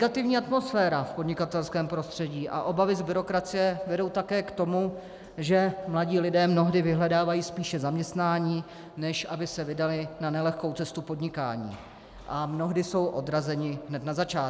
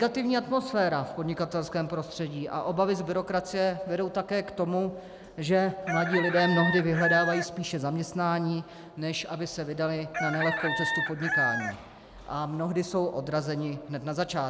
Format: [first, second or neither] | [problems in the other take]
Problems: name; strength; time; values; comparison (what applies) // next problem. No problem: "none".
first | background sound (Chicken, rooster); 3 dB below the speech